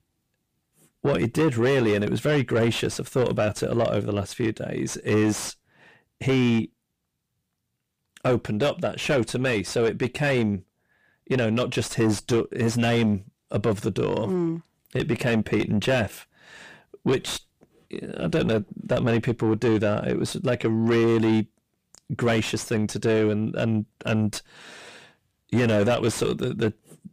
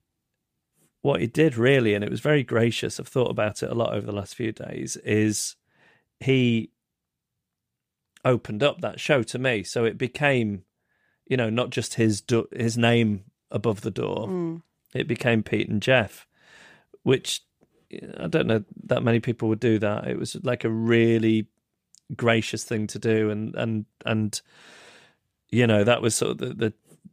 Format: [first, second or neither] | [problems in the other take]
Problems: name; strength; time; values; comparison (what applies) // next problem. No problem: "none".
second | distortion; heavy; 7 dB below the speech